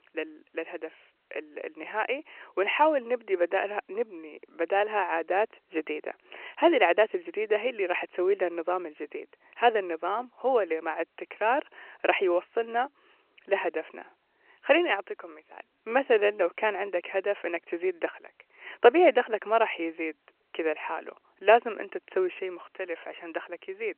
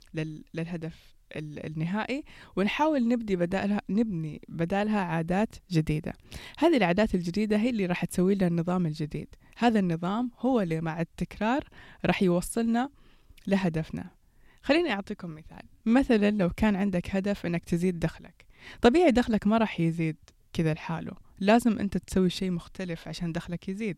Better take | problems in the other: second | phone-call audio; nothing above 3 kHz

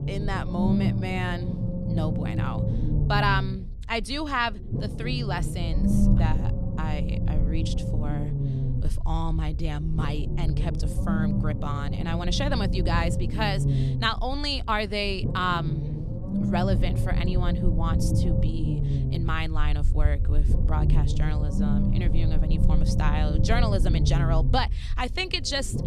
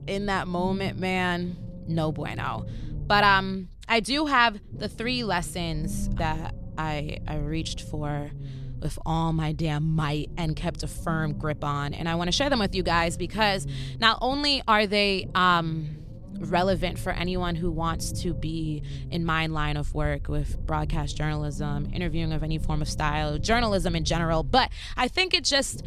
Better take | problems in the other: second | low rumble; loud; throughout; 7 dB below the speech; faint in the second

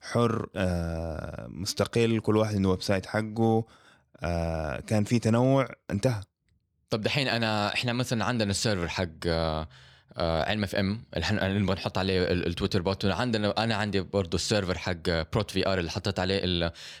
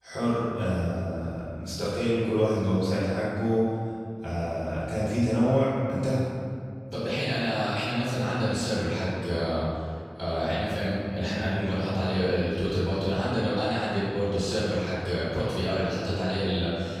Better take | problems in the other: first | off-mic speech; far // room echo; strong; dies away in 2.1 s

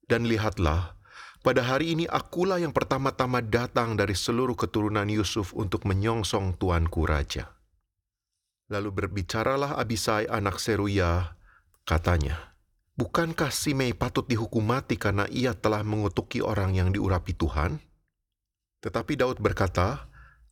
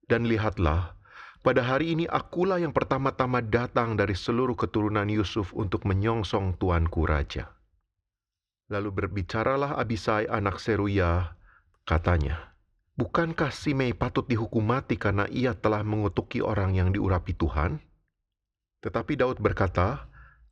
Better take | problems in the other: first | muffled; slightly; fading above 3 kHz

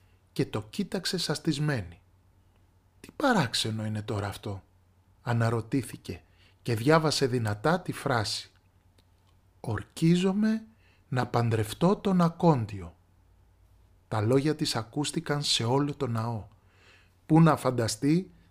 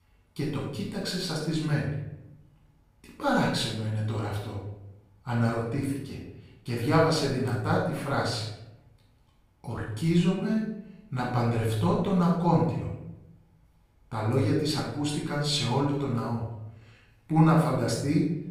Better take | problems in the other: first | off-mic speech; far // room echo; noticeable; dies away in 0.7 s

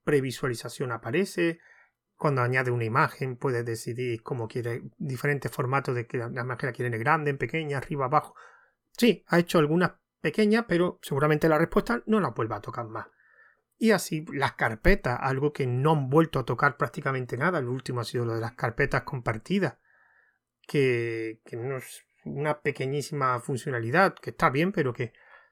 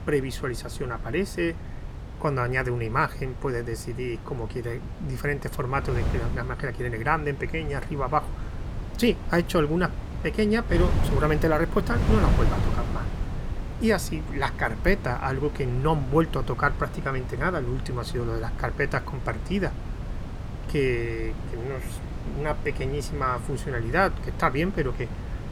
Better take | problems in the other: first | wind noise on the microphone; occasional gusts; 15 dB below the speech

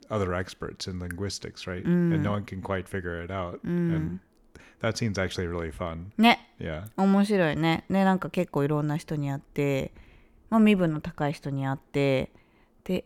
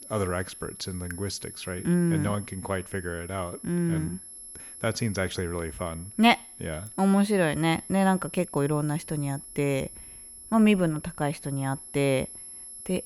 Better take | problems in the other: first | high-pitched whine; noticeable; throughout; 11 kHz, 15 dB below the speech

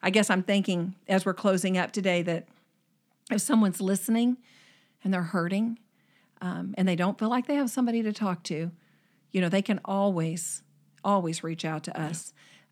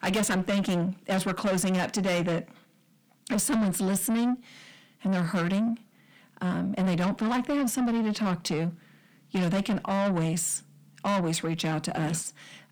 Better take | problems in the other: first | distortion; heavy; 6 dB below the speech

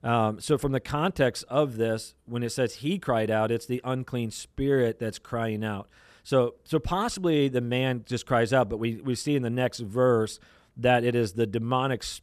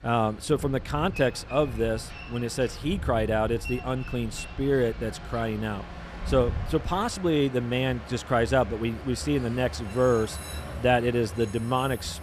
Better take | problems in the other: first | train or aircraft noise; noticeable; throughout; 10 dB below the speech

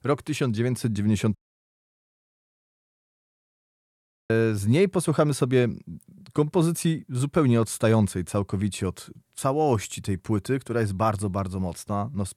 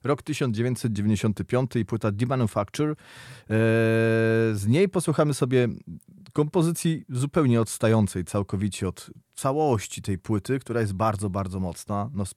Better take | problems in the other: second | audio cutting out; at 1.5 s for 3 s

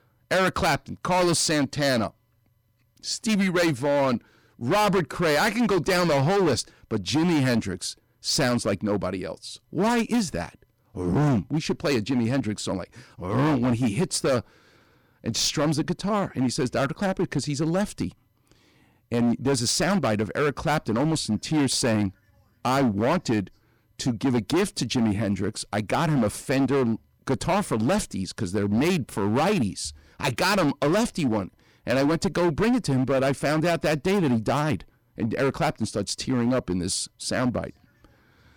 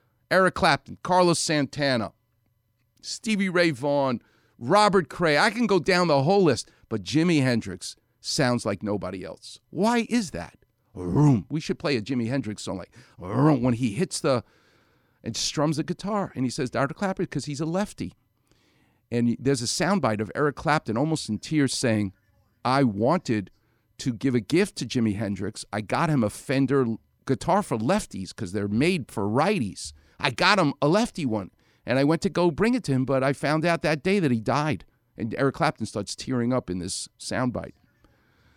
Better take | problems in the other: second | distortion; heavy; 13% of the sound clipped

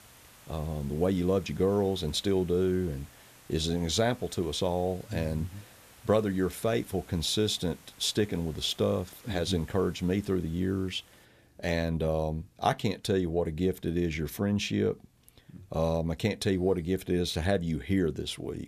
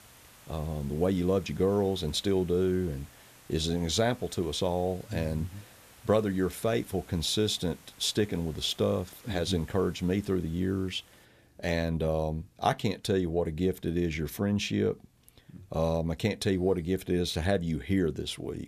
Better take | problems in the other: neither | hiss; faint; until 11 s; 25 dB below the speech; the same in both

